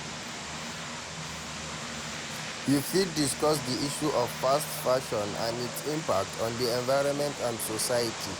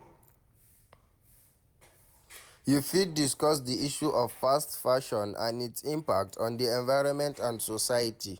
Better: second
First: background sound (Vehicle); 7 dB below the speech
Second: none

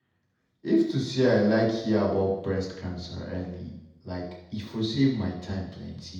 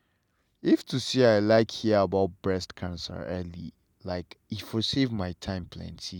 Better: second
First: room echo; dies away in 0.8 s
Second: none

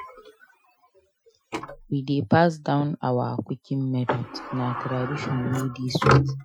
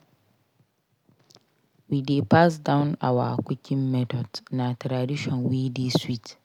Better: second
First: noise reduction (classical method Wiener filter)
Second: none

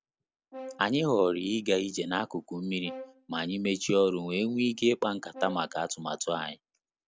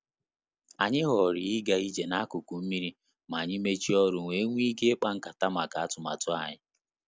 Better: second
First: background sound (Brass instrument); 18 dB below the speech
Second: none

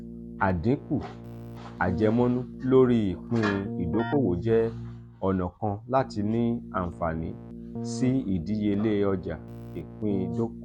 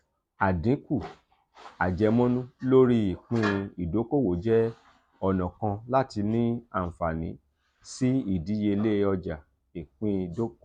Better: second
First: background sound (Keyboard (musical)); 10 dB below the speech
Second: none

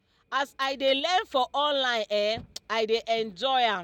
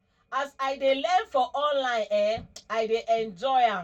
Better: first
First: none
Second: room echo; dies away in 0.2 s

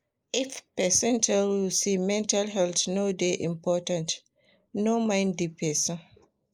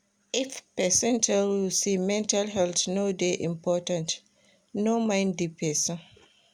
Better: second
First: noise reduction (neural mask model Resemble Enhance denoiser)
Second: none

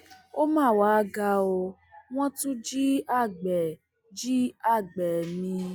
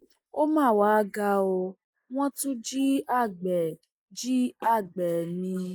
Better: first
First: none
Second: noise reduction (neural mask model Resemble Enhance denoiser)

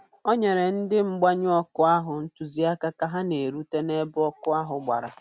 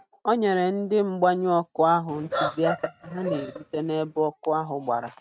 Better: first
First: none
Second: noise reduction (neural mask model RNNoise)

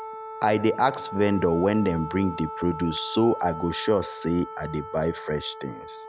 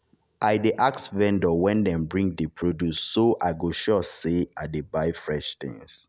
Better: second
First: background sound (Wind instrument, woodwind instrument); 11 dB below the speech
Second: none

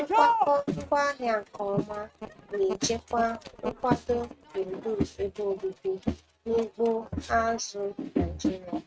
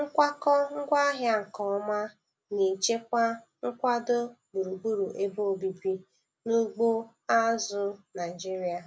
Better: second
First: noise reduction (neural mask model RNNoise)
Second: none

